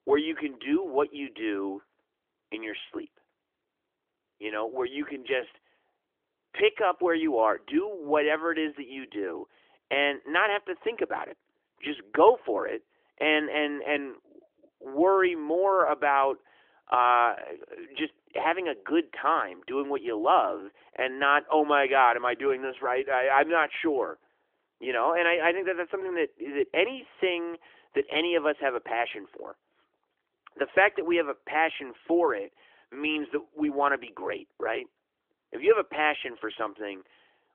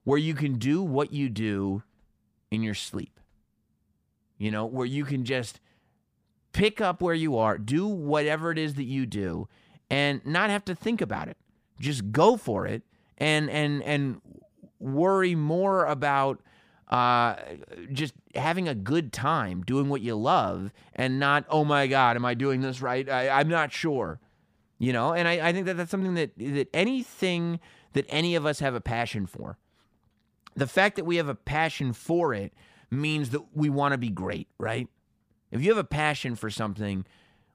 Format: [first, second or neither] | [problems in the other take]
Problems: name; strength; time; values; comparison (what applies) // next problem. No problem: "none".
second | phone-call audio; nothing above 3.5 kHz